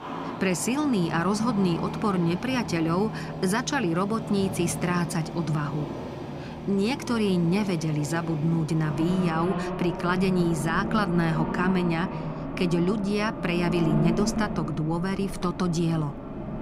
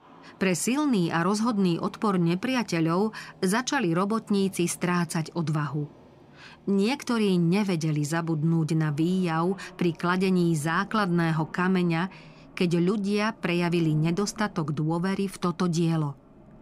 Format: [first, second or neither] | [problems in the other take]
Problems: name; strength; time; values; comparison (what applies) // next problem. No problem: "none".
second | traffic noise; loud; throughout; 6 dB below the speech; faint in the second